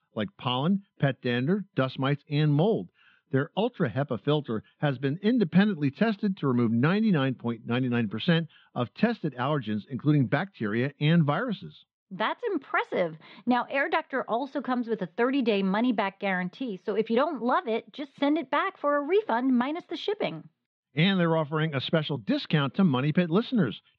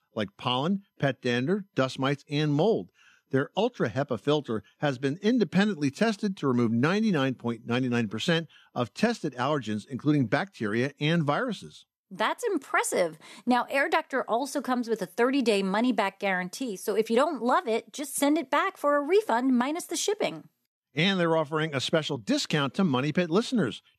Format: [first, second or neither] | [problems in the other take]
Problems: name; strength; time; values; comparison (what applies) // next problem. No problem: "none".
second | muffled; slightly; fading above 4 kHz